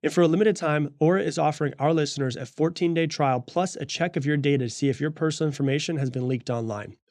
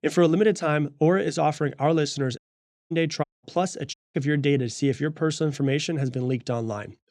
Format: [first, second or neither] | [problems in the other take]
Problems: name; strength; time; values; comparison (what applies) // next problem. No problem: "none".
first | audio cutting out; at 2.5 s for 0.5 s, at 3 s and at 4 s